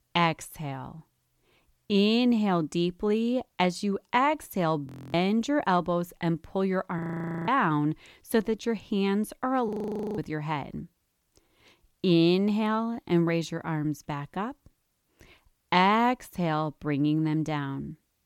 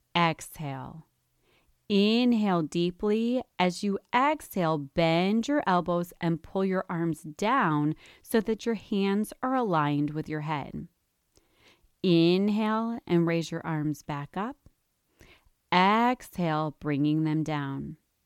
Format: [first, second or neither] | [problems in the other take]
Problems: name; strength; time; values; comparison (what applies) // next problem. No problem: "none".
second | audio freezing; at 5 s, at 7 s and at 9.5 s